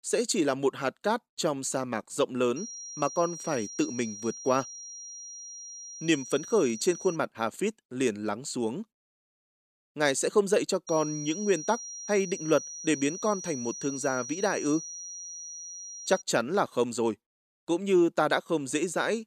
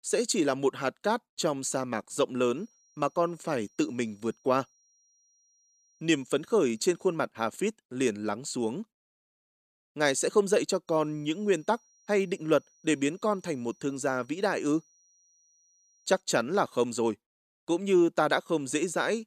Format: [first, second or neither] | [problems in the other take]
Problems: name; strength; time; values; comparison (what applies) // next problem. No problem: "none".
second | high-pitched whine; loud; from 2.5 to 7 s and from 11 to 16 s; 6 kHz, 10 dB below the speech; faint in the second